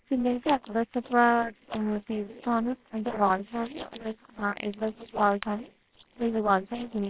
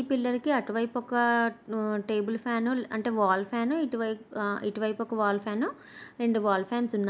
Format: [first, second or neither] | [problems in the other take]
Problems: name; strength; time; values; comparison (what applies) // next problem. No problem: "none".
second | noise reduction (neural separator model SepFormer WHAMR!)